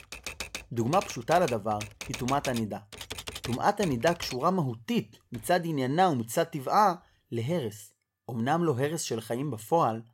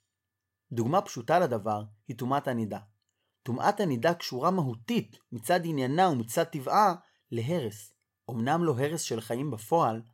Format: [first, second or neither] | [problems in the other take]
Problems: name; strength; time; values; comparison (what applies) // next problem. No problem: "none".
second | household noises; noticeable; until 7.5 s; 10 dB below the speech